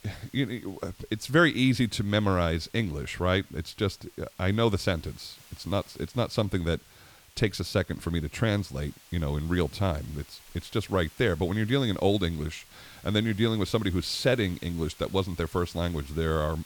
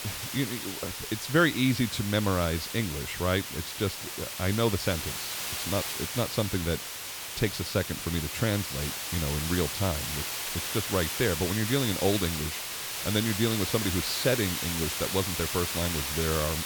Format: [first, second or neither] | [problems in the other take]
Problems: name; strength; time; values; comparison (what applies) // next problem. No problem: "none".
first | hiss; loud; throughout; 2 dB below the speech; faint in the first